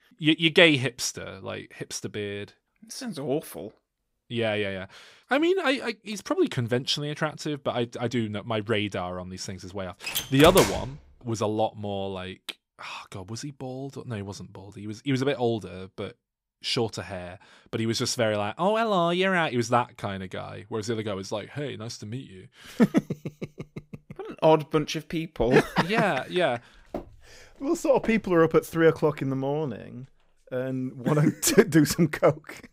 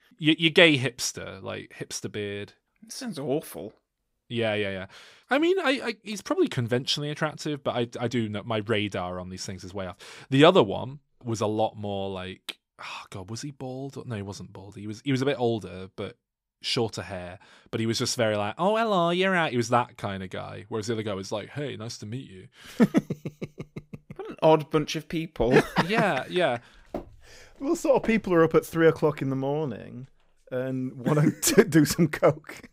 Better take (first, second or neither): second